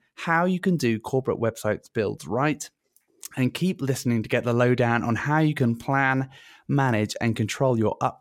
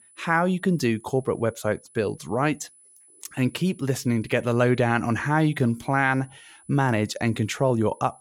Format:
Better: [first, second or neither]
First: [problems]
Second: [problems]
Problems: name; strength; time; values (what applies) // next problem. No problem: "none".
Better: first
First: none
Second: high-pitched whine; faint; throughout; 10 kHz, 25 dB below the speech